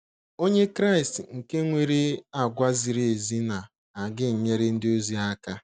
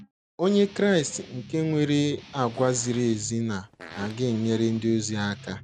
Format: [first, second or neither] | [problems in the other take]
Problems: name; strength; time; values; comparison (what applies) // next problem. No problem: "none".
first | background sound (Guitar + Fart); 19 dB below the speech